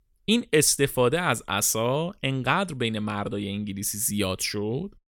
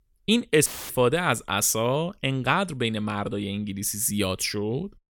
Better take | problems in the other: first | audio cutting out; filled with static; at 0.5 s

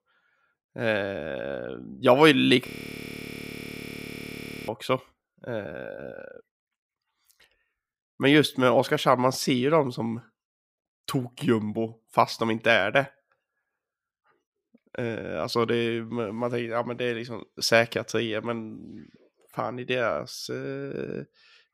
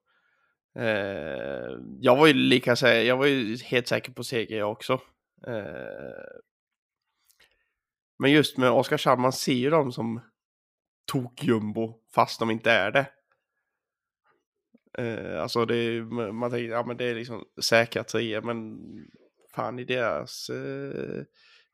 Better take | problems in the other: second | audio freezing; at 2.5 s for 2 s

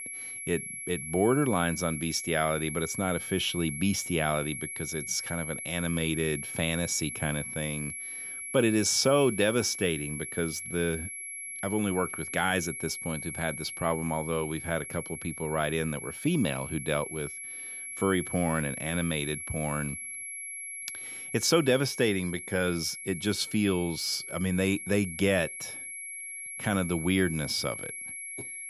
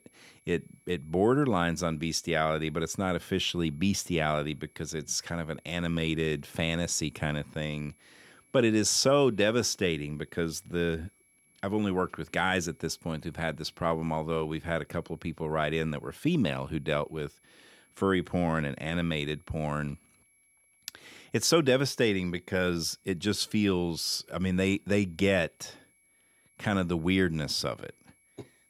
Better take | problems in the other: second | high-pitched whine; loud; throughout; 2.5 kHz, 7 dB below the speech; faint in the second

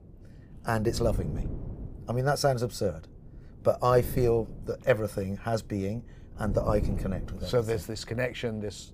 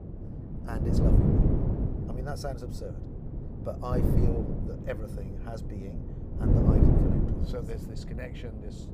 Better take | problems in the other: first | wind noise on the microphone; heavy; 3 dB above the speech; occasional gusts in the first

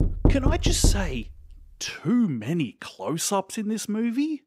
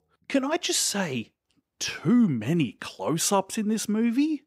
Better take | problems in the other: second | door banging; loud; until 1 s; peak 4 dB above the speech

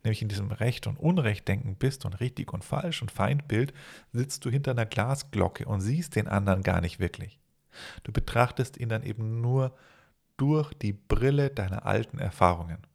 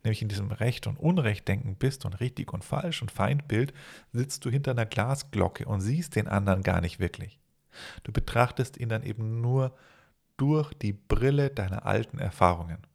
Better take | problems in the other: neither | none

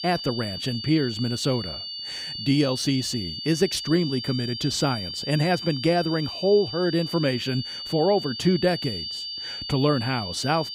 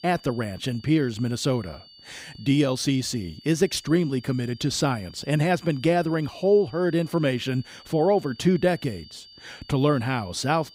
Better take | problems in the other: second | high-pitched whine; loud; throughout; 4.5 kHz, 7 dB below the speech; faint in the second

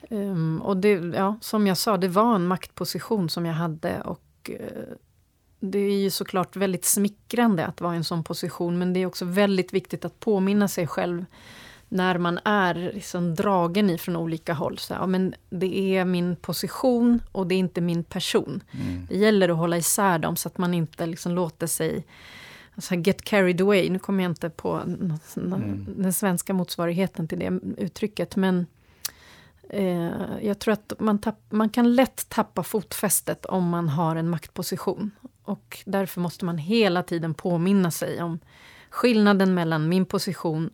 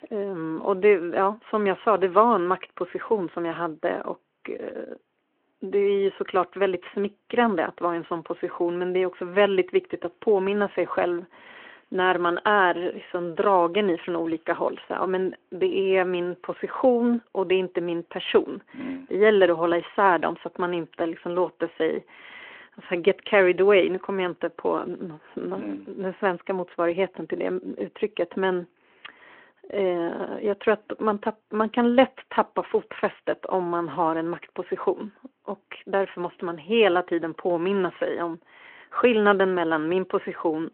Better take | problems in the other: first | phone-call audio

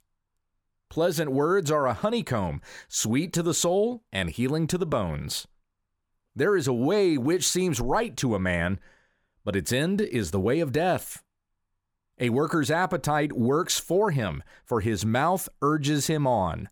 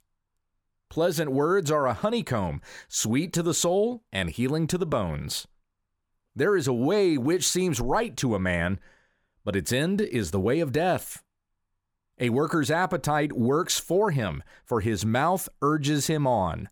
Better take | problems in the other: neither | none

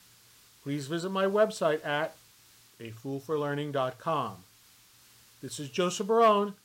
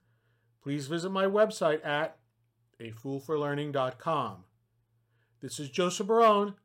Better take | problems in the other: second | hiss; faint; throughout; 25 dB below the speech

